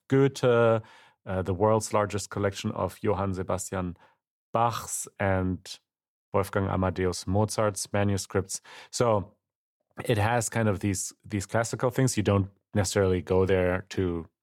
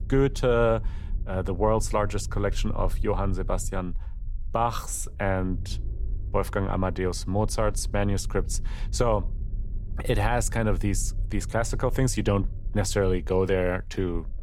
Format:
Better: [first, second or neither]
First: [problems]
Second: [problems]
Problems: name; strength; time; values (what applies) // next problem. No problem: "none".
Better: first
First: none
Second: low rumble; faint; throughout; 25 dB below the speech